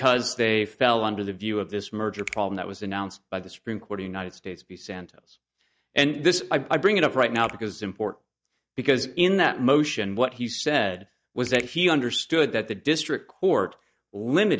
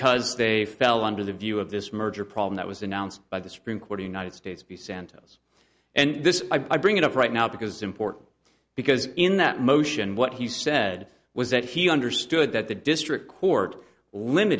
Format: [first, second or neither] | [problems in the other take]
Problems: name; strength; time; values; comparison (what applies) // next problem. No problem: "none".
second | noise reduction (neural mask model DeepFilterNet 3)